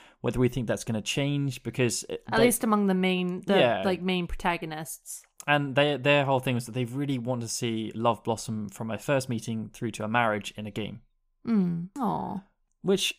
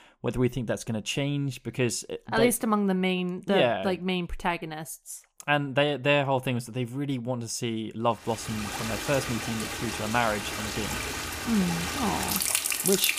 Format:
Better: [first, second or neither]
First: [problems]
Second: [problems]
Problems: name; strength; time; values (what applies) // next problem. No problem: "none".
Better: first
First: none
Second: rain or running water; loud; from 8.5 s on; 2 dB below the speech